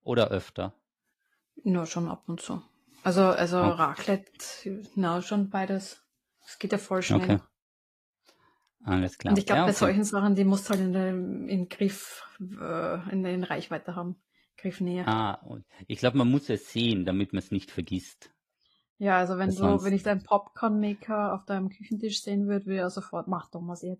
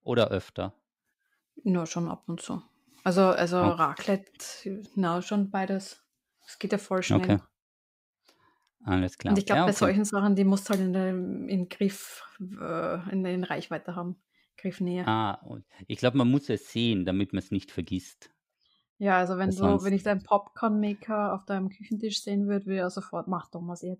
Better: second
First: garbled, watery; slightly; nothing above 14.5 kHz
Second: none

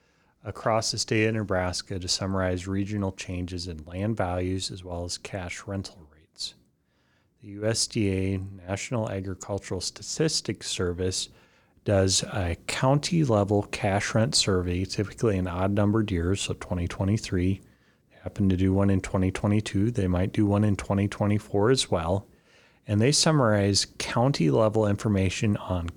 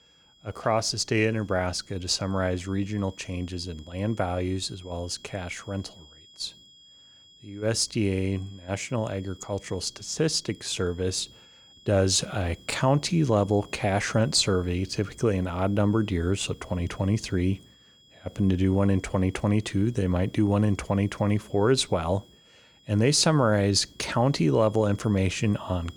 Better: first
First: none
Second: high-pitched whine; faint; throughout; 3.5 kHz, 25 dB below the speech

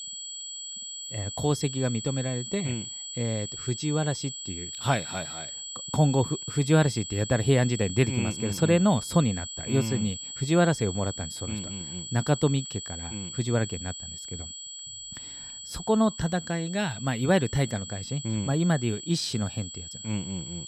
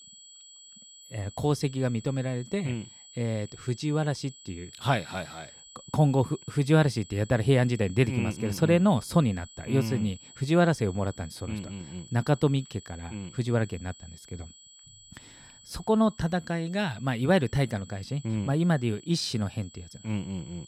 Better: second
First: high-pitched whine; loud; throughout; 7.5 kHz, 9 dB below the speech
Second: high-pitched whine; faint; throughout; 7.5 kHz, 20 dB below the speech

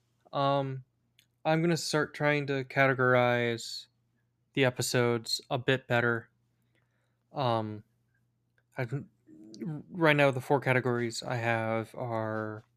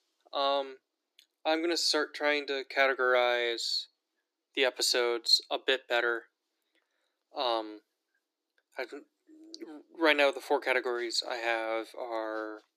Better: first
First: none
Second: thin; somewhat; fading below 300 Hz

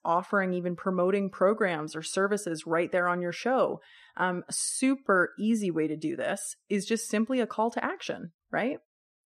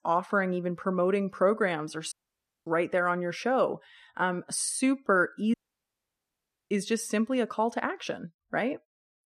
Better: first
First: none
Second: audio cutting out; at 2 s for 0.5 s and at 5.5 s for 1 s

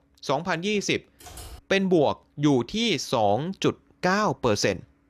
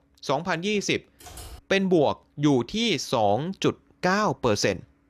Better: neither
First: keyboard typing; faint; at 1 s; peak 15 dB below the speech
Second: keyboard typing; faint; at 1 s; peak 15 dB below the speech

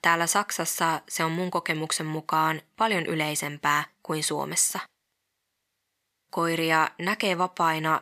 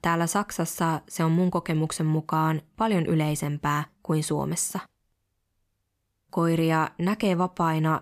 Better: second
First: thin; somewhat; fading below 750 Hz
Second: none

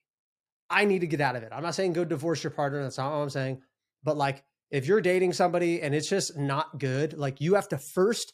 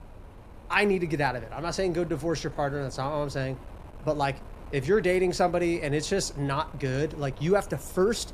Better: first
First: none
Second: wind noise on the microphone; occasional gusts; 20 dB below the speech

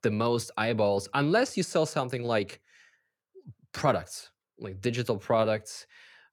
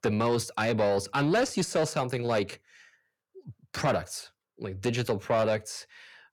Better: first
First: none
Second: distortion; slight; 10 dB below the speech

